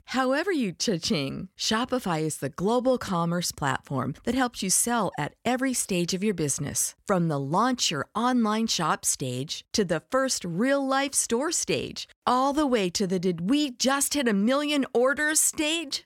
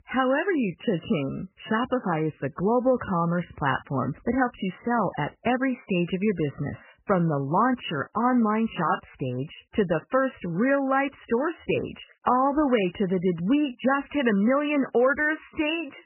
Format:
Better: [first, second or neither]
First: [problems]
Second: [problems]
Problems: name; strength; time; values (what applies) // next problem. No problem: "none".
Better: first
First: none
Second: garbled, watery; badly; nothing above 3 kHz